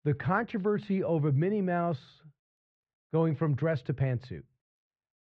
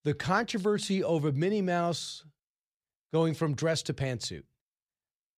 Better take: second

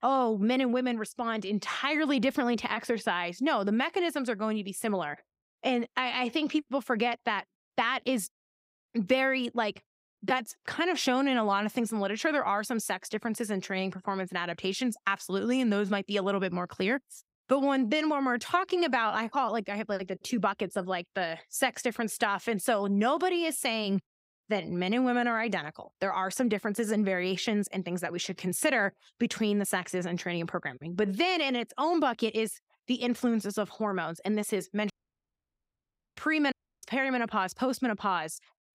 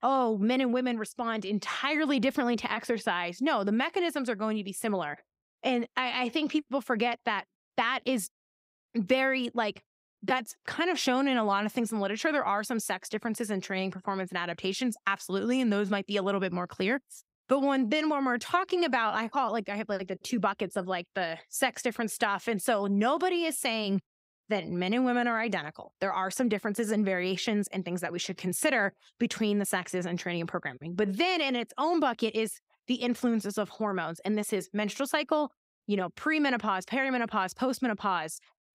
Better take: second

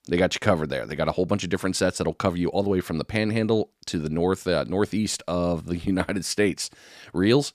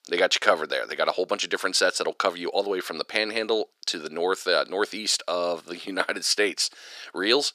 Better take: first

